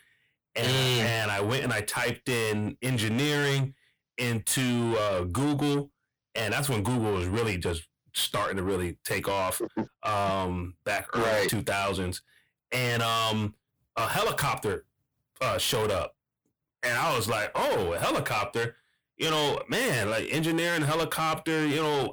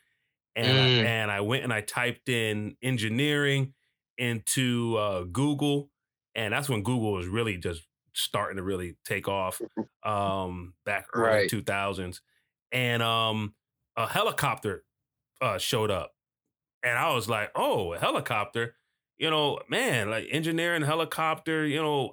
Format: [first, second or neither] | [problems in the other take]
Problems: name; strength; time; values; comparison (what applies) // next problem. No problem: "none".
second | distortion; heavy; 6 dB below the speech